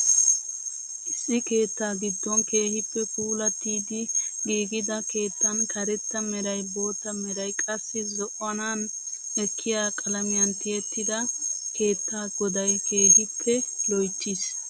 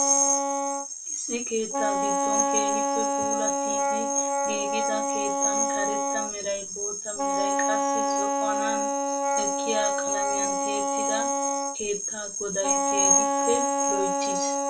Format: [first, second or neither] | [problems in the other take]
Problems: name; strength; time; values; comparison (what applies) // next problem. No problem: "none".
first | background sound (Wind instrument, woodwind instrument); 1 dB above the speech // room echo; dies away in 0.2 s